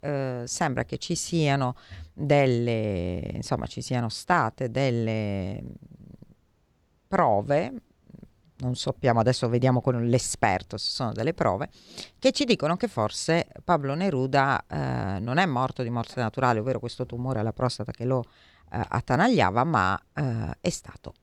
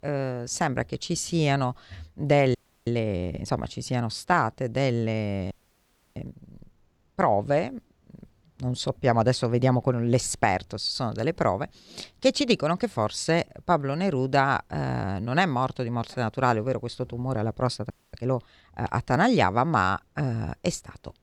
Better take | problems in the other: first | audio freezing; at 2.5 s, at 5.5 s for 0.5 s and at 18 s

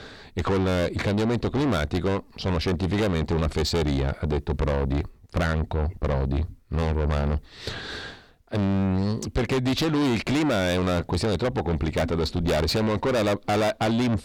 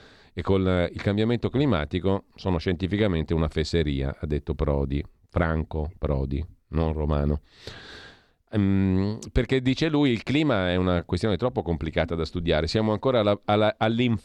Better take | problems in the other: second | distortion; heavy; 5 dB below the speech

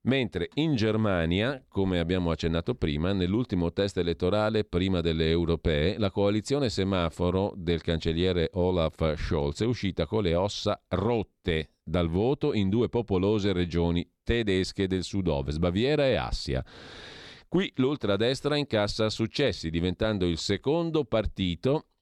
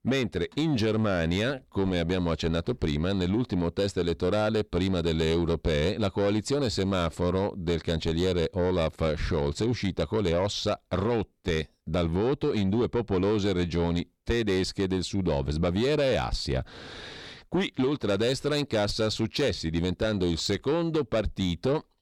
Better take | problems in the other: first | distortion; slight; 10 dB below the speech

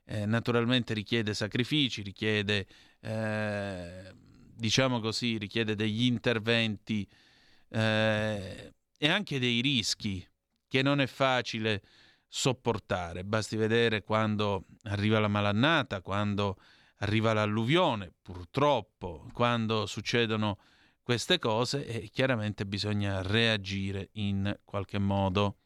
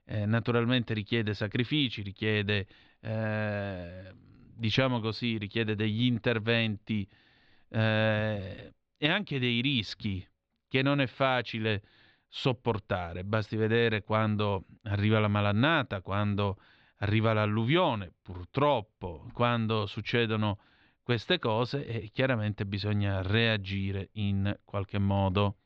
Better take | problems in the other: first | muffled; slightly; fading above 4 kHz

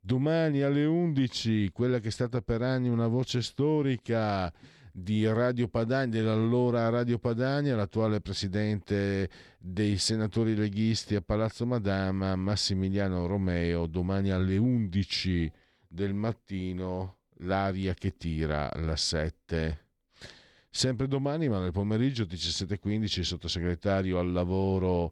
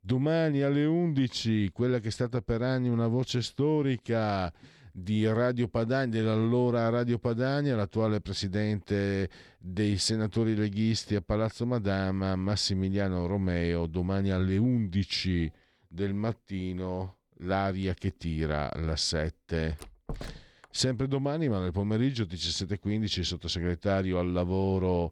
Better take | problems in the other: first | door banging; faint; at 20 s; peak 15 dB below the speech

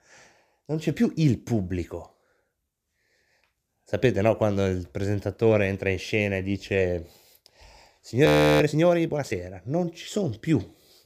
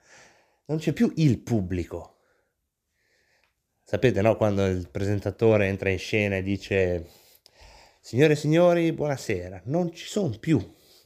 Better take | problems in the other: second | audio freezing; at 8.5 s

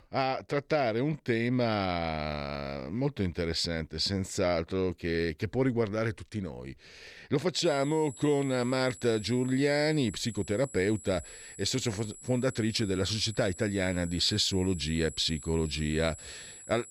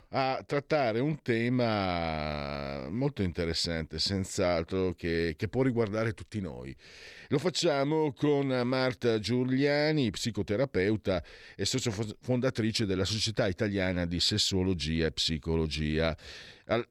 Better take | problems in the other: second | high-pitched whine; noticeable; from 7.5 s on; 7.5 kHz, 15 dB below the speech

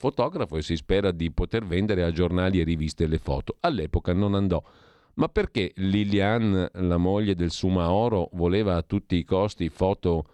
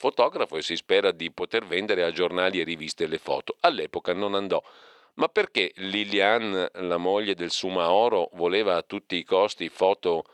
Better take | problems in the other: first | thin; very; fading below 550 Hz

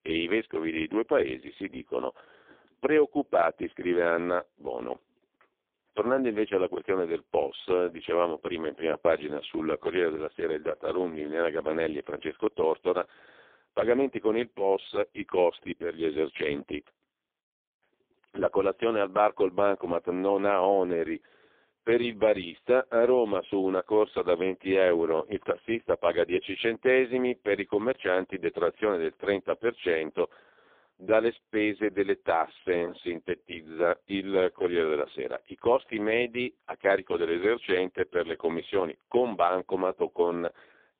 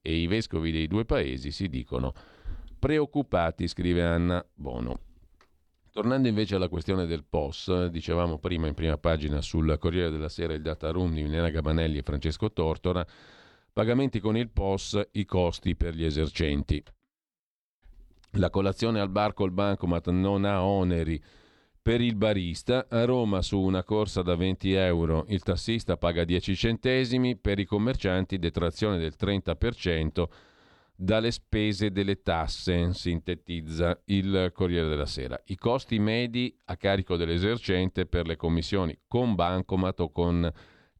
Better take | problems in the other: second | phone-call audio; poor line

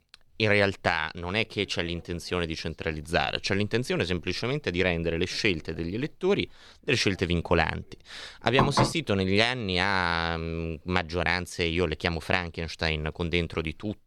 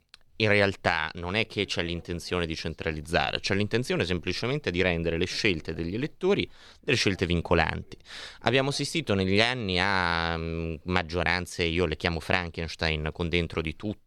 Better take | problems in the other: second | clattering dishes; loud; at 8.5 s; peak 2 dB above the speech

